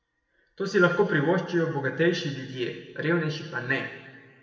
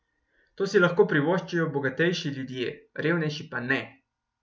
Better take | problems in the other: second | room echo; dies away in 1.4 s

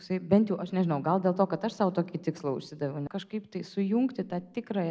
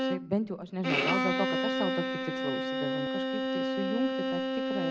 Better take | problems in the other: first | background sound (Bowed string instrument); 4 dB above the speech

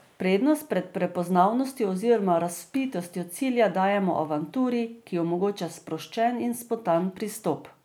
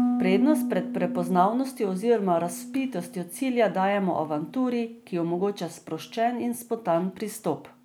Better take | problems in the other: first | background sound (Harp); 7 dB below the speech

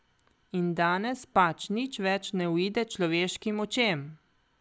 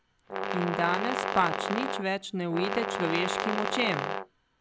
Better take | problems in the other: first | background sound (Brass instrument); 1 dB below the speech

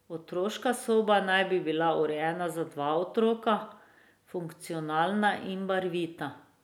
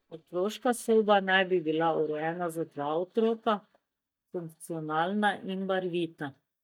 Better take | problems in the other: first | noise reduction (neural mask model DeepFilterNet 3)

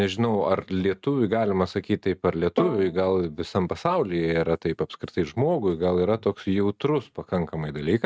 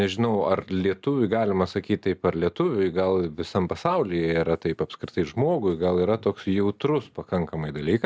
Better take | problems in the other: second | noise reduction (neural mask model RNNoise)

